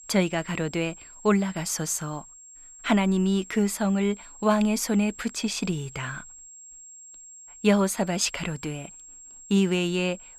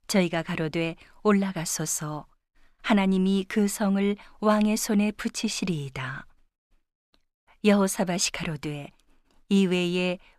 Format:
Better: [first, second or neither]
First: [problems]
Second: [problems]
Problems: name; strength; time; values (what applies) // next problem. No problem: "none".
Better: second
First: high-pitched whine; noticeable; throughout; 7.5 kHz, 20 dB below the speech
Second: none